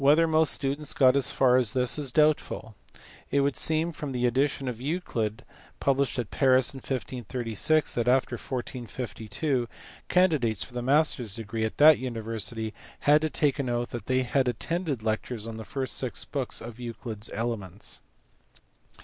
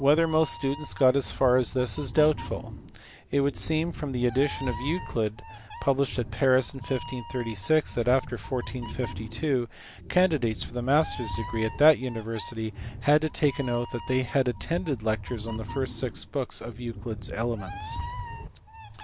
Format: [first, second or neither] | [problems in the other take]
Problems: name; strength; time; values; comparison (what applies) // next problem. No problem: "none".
first | background sound (Meow); 11 dB below the speech